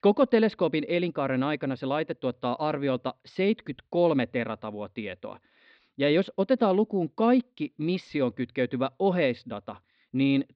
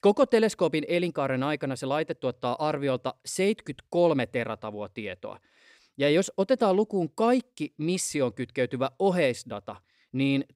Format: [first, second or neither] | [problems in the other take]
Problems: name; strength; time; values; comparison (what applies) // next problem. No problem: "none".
second | muffled; slightly; fading above 4 kHz